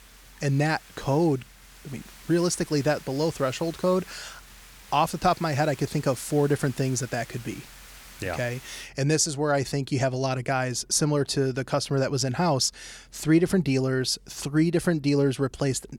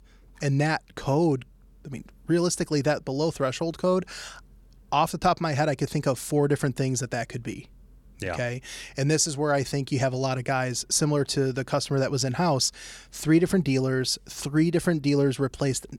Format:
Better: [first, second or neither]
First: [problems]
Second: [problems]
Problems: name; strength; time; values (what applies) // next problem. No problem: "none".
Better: second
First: hiss; faint; until 9 s; 20 dB below the speech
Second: none